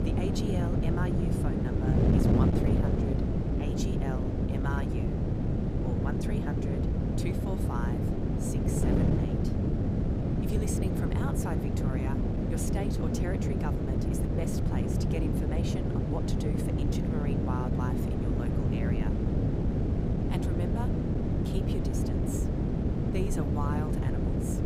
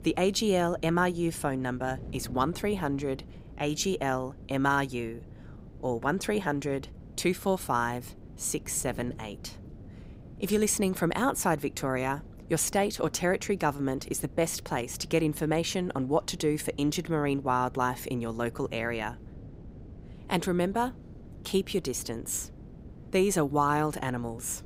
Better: second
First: wind noise on the microphone; heavy; 5 dB above the speech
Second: wind noise on the microphone; occasional gusts; 25 dB below the speech

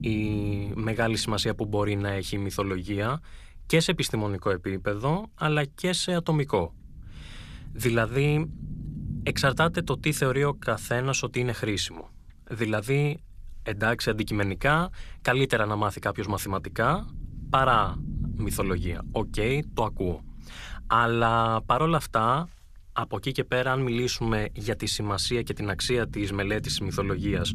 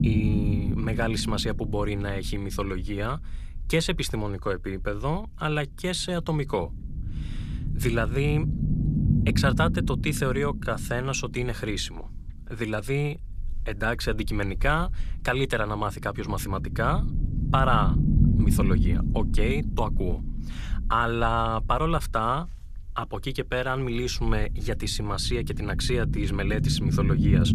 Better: first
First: low rumble; faint; throughout; 25 dB below the speech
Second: low rumble; loud; throughout; 9 dB below the speech

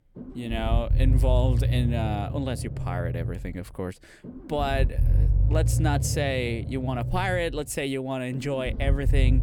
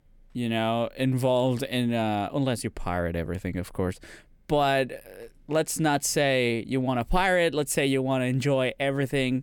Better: second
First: low rumble; noticeable; throughout; 10 dB below the speech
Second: none

